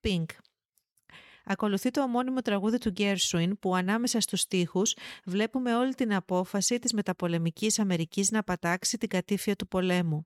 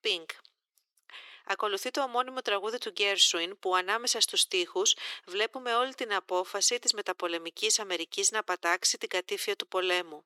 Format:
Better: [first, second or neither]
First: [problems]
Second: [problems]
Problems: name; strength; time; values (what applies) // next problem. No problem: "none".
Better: first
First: none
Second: thin; very; fading below 350 Hz